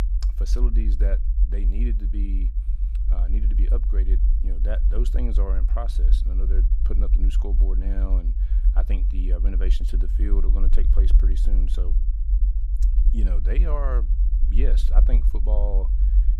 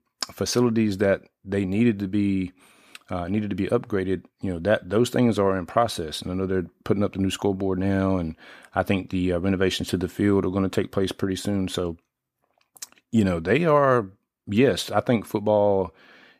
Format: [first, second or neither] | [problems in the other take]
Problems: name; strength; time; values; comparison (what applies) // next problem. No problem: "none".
second | low rumble; loud; throughout; 7 dB below the speech